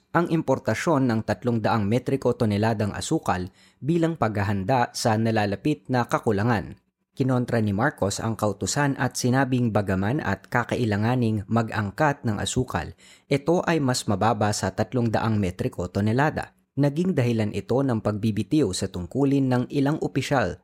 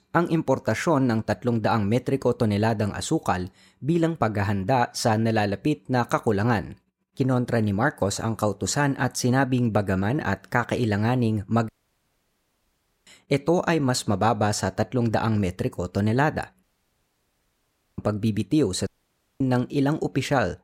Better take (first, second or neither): first